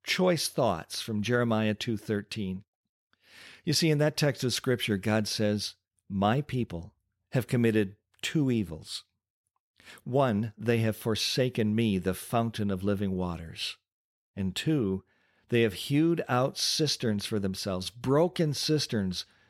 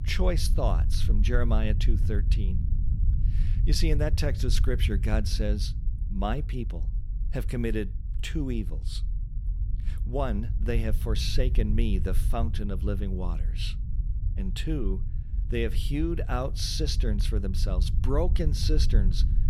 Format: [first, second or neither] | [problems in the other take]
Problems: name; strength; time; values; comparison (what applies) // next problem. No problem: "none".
first | low rumble; noticeable; throughout; 15 dB below the speech